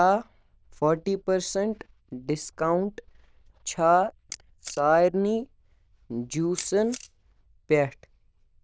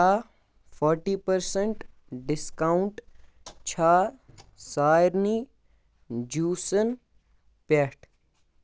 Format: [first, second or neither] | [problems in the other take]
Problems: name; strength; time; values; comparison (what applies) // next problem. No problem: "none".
second | noise reduction (neural diffusion model UNIVERSE++)